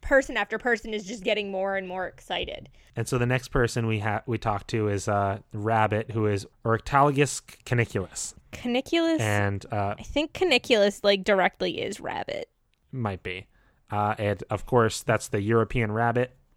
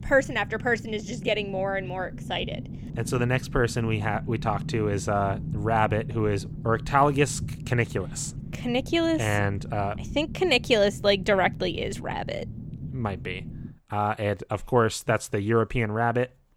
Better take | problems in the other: first | low rumble; noticeable; until 14 s; 20 dB below the speech

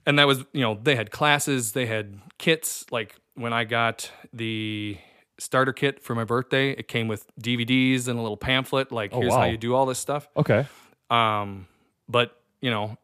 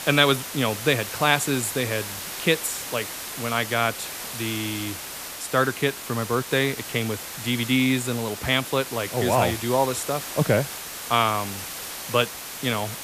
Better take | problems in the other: first | hiss; loud; throughout; 8 dB below the speech

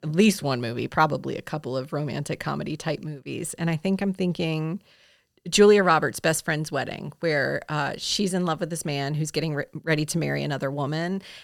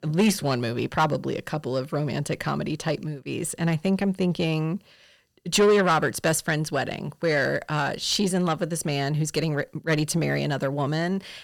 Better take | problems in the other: first | distortion; slight; 10 dB below the speech

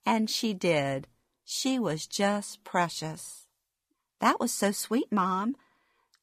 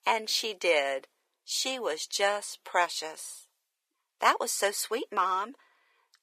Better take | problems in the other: first | thin; very; fading below 450 Hz

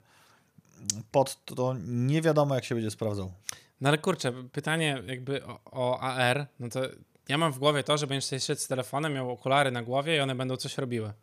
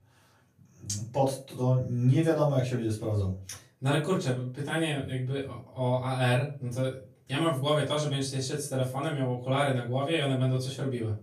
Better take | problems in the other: first | off-mic speech; far // room echo; slight; dies away in 0.3 s

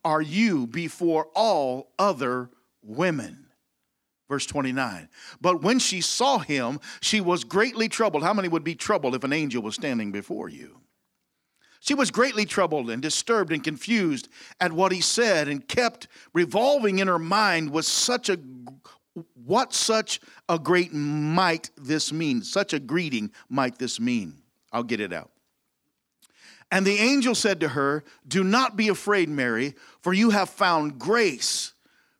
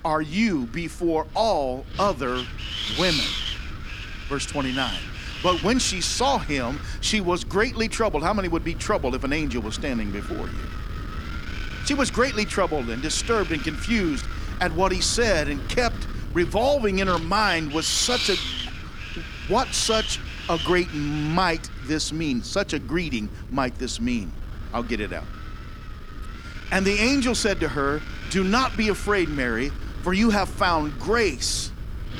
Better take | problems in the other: first | wind noise on the microphone; heavy; 9 dB below the speech

